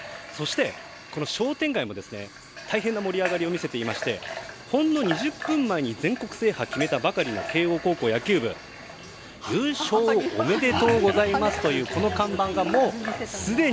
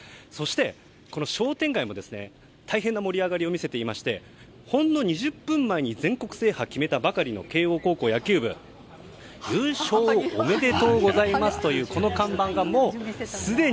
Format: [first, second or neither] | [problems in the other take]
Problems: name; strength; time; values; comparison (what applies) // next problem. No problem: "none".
second | background sound (Water tap, faucet / Water); 12 dB below the speech